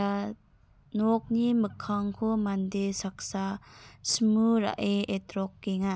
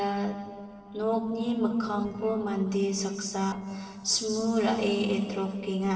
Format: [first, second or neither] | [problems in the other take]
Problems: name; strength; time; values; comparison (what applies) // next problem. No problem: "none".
first | noise reduction (neural separator model SepFormer DNS4)